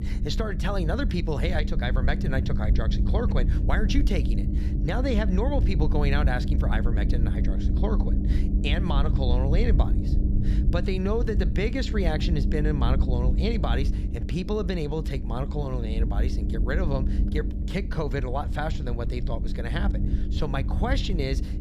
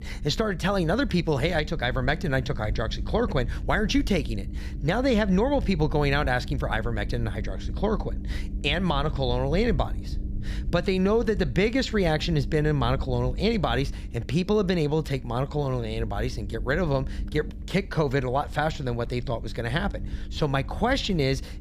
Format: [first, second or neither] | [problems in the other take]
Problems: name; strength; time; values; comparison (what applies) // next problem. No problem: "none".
second | low rumble; loud; throughout; 7 dB below the speech; faint in the second